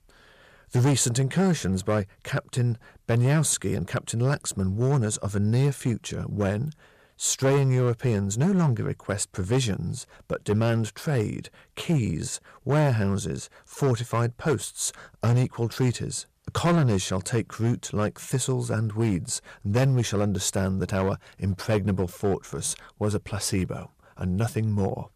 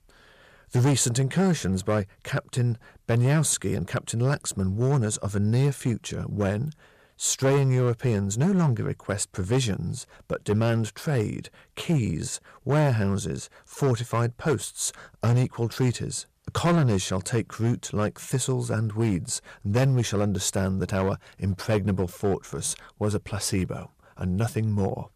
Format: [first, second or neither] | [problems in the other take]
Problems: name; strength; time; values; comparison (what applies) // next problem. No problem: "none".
neither | distortion; slight; 6% of the sound clipped; the same in both